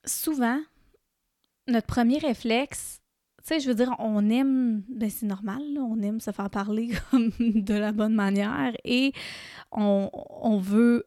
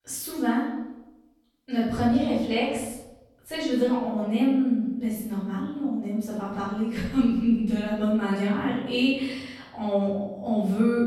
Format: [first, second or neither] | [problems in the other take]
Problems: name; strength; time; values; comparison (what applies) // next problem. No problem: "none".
first | off-mic speech; far // room echo; noticeable; dies away in 0.9 s